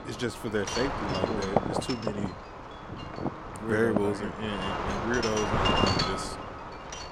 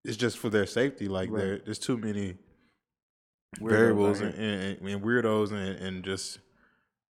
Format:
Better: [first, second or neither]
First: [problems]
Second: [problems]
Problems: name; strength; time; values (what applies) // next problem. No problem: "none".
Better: second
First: wind noise on the microphone; heavy; 3 dB above the speech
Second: none